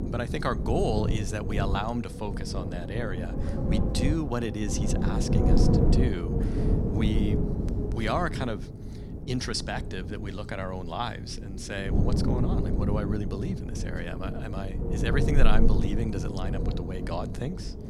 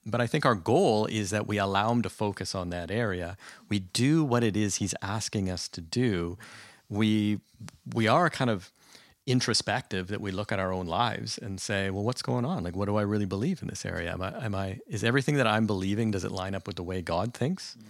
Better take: second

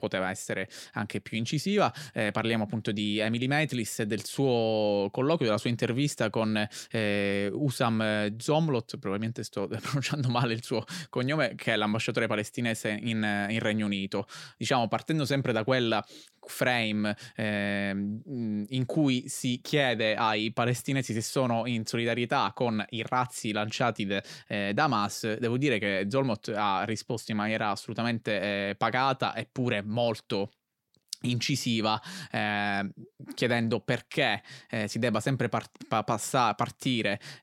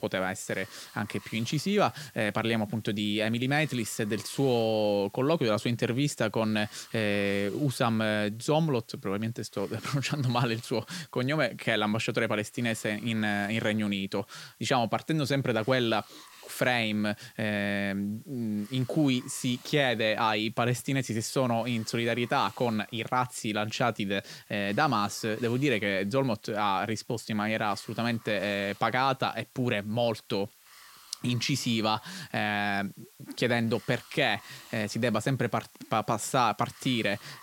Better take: first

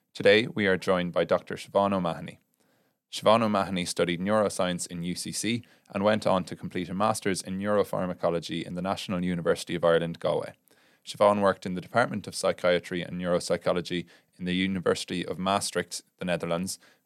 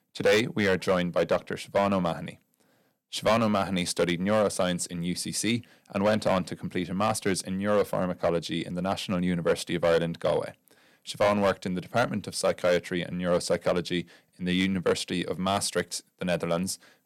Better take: first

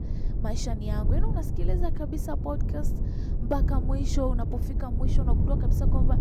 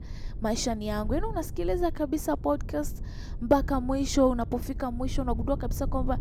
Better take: second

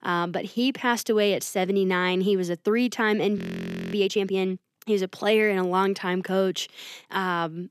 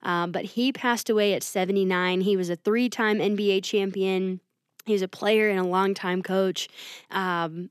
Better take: second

